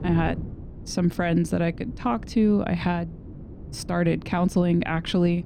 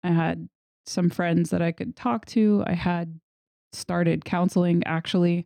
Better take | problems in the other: second | wind noise on the microphone; occasional gusts; 20 dB below the speech

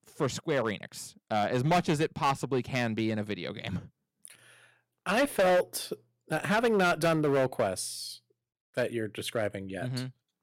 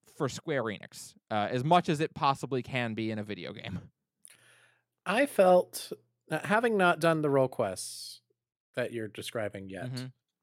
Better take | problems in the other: second | distortion; heavy; 6% of the sound clipped

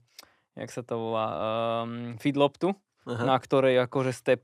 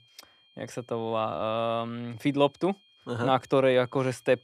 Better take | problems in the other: first | high-pitched whine; faint; throughout; 3 kHz, 30 dB below the speech

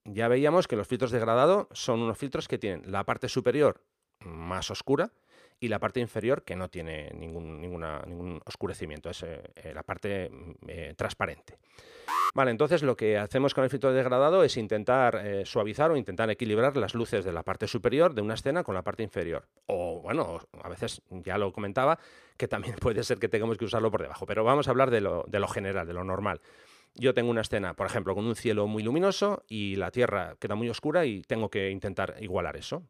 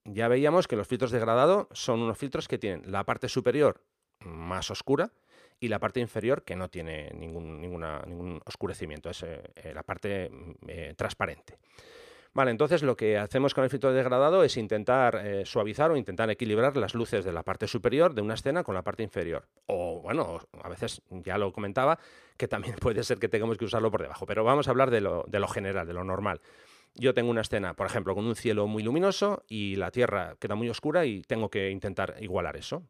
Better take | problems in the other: second | alarm; loud; at 12 s; peak level with the speech

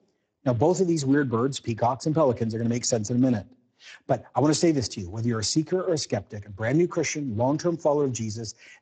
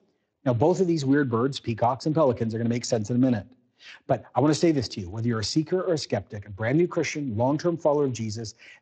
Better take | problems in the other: second | garbled, watery; badly; nothing above 7.5 kHz; slightly in the second

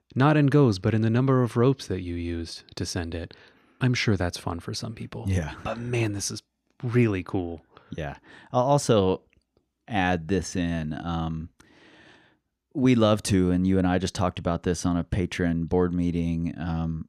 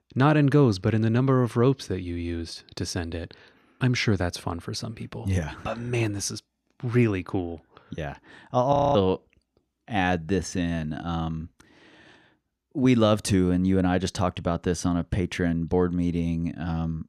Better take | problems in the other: first | audio freezing; at 8.5 s

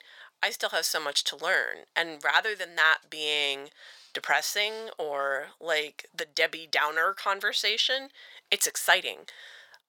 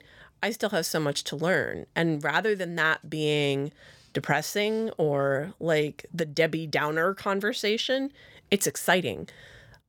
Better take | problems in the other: second | thin; very; fading below 900 Hz

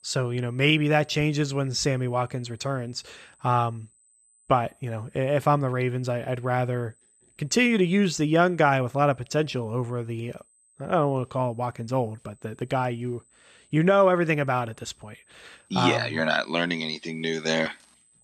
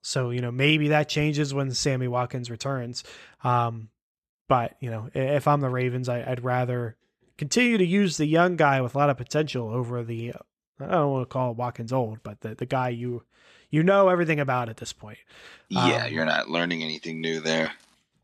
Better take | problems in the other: second | high-pitched whine; faint; throughout; 8 kHz, 35 dB below the speech

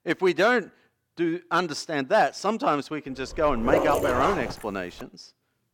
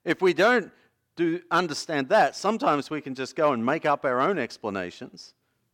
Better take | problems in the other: second | dog barking; loud; from 3.5 to 4.5 s; peak 2 dB above the speech

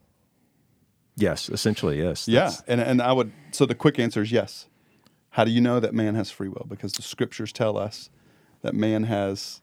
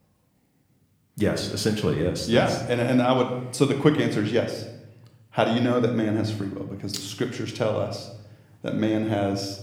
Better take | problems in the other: first | room echo; slight; dies away in 0.8 s

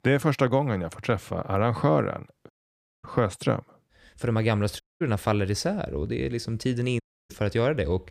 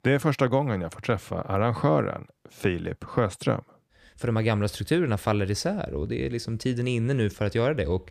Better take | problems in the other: second | audio cutting out; at 2.5 s for 0.5 s, at 5 s and at 7 s

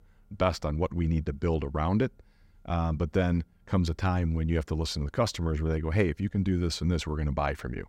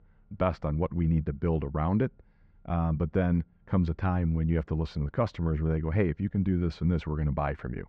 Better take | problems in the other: first | muffled; slightly; fading above 2 kHz

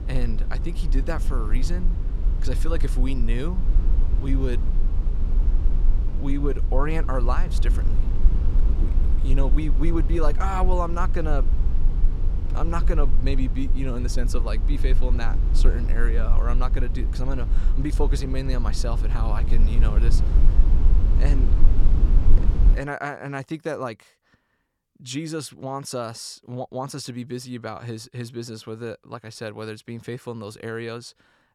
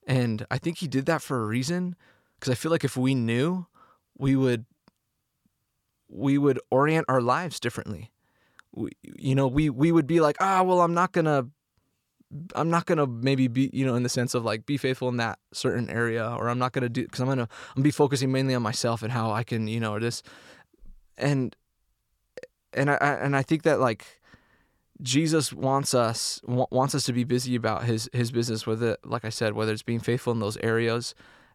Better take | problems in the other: second | low rumble; loud; until 23 s; 10 dB below the speech

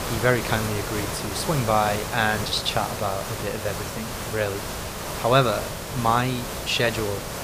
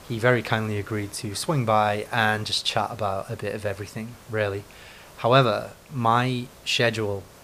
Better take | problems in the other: second | hiss; loud; throughout; 5 dB below the speech; faint in the second

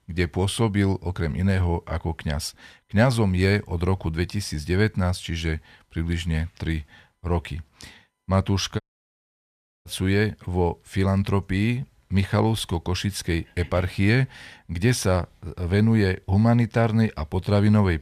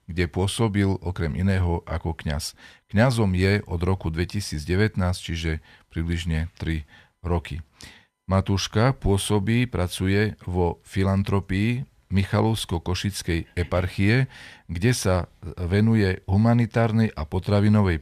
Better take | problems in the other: second | audio cutting out; at 9 s for 1 s

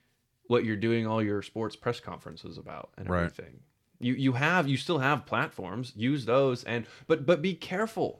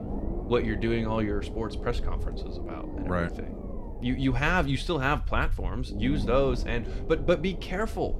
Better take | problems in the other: first | low rumble; noticeable; throughout; 15 dB below the speech

